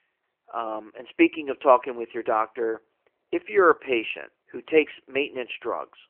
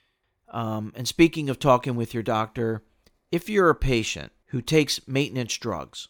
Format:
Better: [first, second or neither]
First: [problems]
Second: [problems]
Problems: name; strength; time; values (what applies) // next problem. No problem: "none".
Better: second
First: phone-call audio; nothing above 3 kHz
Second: none